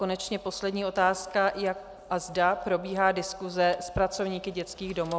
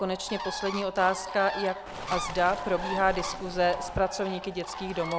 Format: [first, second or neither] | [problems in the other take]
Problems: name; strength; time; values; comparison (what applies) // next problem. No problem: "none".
first | background sound (Bird + Waves, surf); 8 dB below the speech